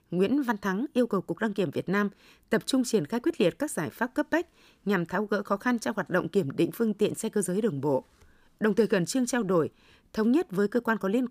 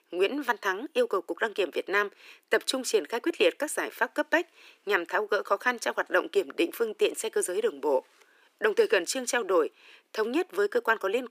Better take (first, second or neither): first